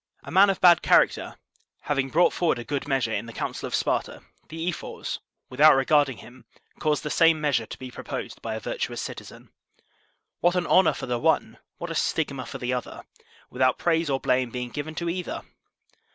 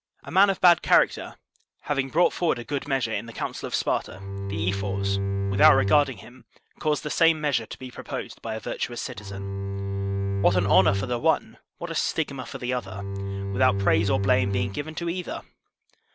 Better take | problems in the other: first | background sound (Bowed string instrument); 1 dB below the speech

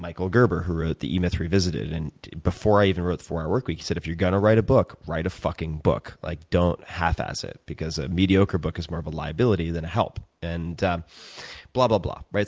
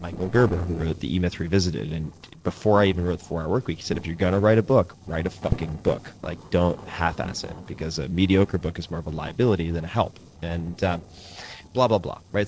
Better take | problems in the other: first | noise reduction (neural separator model SepFormer DNS4)

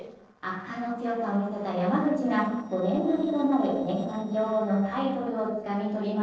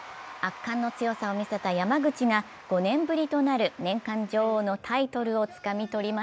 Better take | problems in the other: second | noise reduction (neural separator model SepFormer DNS4)

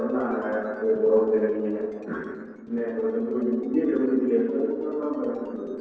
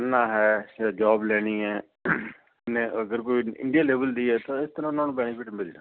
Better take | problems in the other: second | noise reduction (neural separator model SepFormer DNS4)

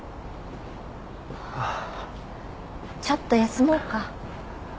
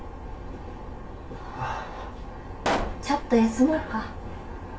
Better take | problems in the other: first | background sound (Explosion); 2 dB below the speech // room echo; dies away in 0.2 s

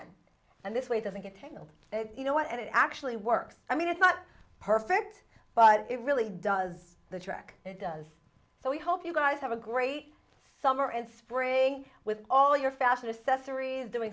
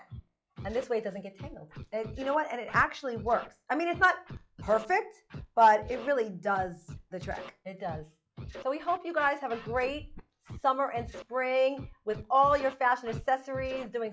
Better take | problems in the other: first | noise reduction (classical method log-MMSE)

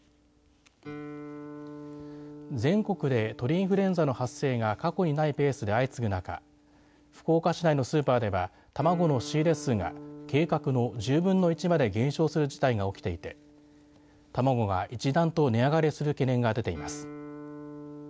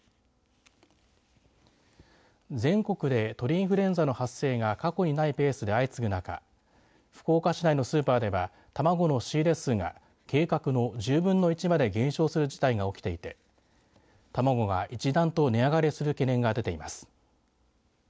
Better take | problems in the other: second | background sound (Guitar); 18 dB below the speech

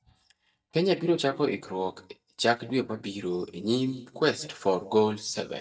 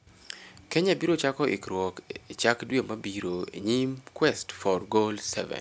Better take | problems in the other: second | noise reduction (neural mask model DeepFilterNet 3)

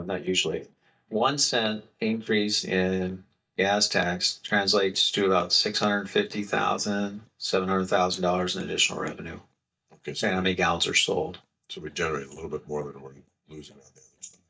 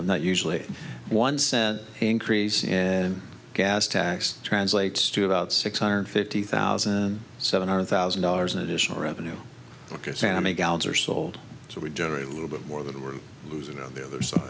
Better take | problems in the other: second | noise reduction (neural mask model DeepFilterNet 3)

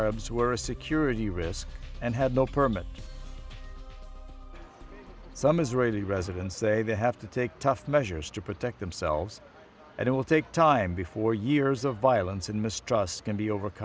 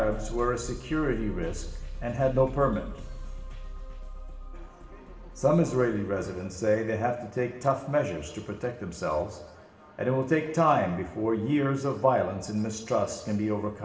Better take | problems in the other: first | room echo; dies away in 1 s

